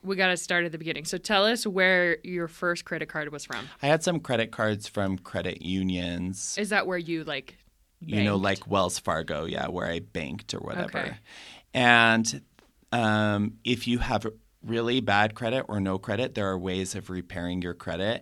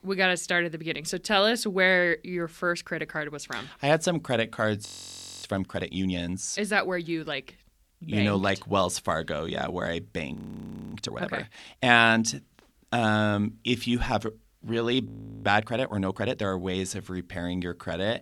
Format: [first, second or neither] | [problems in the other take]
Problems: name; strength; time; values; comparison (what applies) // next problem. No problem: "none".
first | audio freezing; at 5 s for 0.5 s, at 10 s for 0.5 s and at 15 s